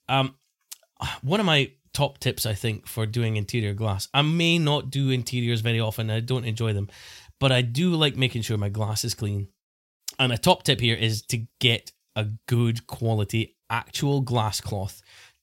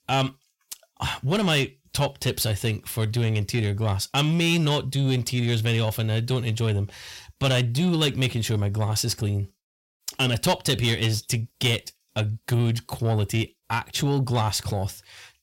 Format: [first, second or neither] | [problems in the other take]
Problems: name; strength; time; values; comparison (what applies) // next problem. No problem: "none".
first | distortion; slight; 10 dB below the speech